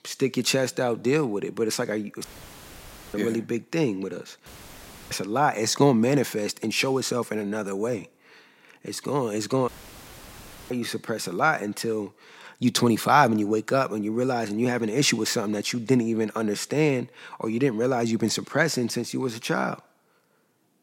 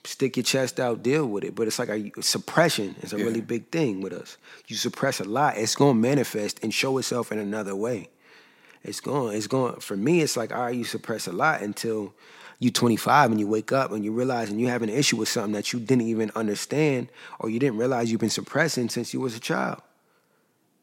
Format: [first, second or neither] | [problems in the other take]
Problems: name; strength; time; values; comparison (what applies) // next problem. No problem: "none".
second | audio cutting out; filled with static; at 2 s for 1 s, at 4.5 s for 0.5 s and at 9.5 s for 1 s